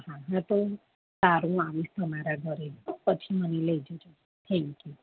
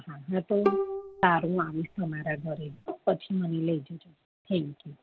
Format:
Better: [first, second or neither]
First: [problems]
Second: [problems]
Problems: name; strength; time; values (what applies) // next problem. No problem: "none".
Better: first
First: none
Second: background sound (Bowed string instrument); 4 dB below the speech